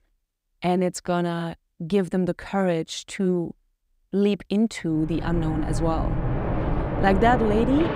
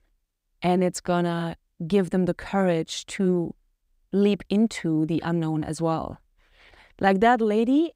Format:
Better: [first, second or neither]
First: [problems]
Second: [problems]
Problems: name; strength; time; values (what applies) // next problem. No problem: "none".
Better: second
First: train or aircraft noise; loud; from 5 s on; 3 dB below the speech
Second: none